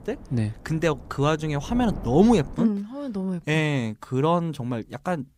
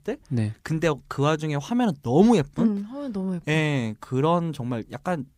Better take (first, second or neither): second